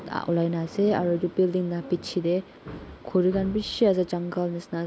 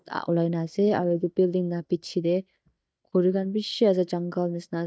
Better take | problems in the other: first | noise reduction (neural mask model DeepFilterNet 3)

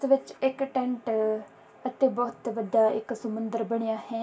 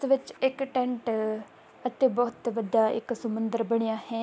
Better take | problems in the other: second | room echo; dies away in 0.2 s

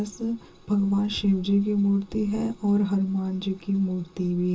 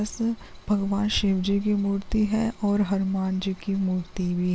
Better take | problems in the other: second | room echo; dies away in 0.2 s

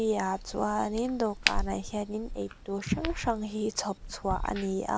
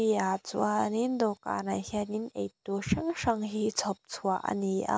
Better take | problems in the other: second | background sound (Crack); 5 dB below the speech

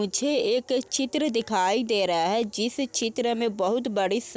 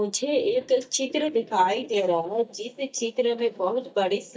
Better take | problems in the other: first | noise reduction (neural mask model DeepFilterNet 3)

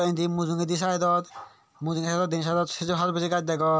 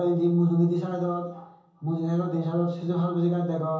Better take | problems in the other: first | room echo; dies away in 0.7 s

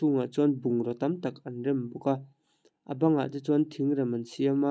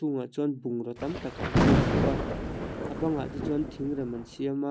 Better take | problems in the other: first | background sound (Thunder); 3 dB above the speech

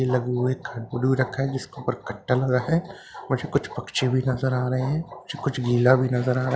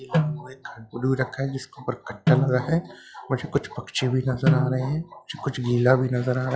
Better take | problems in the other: first | noise reduction (classical method log-MMSE)

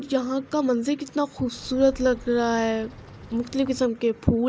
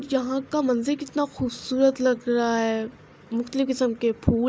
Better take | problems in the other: second | background sound (Bird vocalization, bird call, bird song); 18 dB below the speech

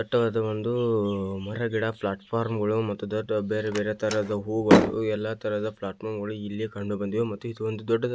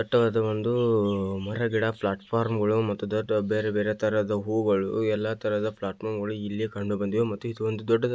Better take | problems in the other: second | background sound (Slam); 1 dB above the speech

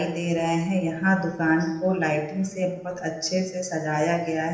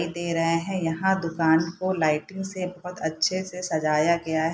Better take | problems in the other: second | noise reduction (neural separator model SepFormer DNS4)

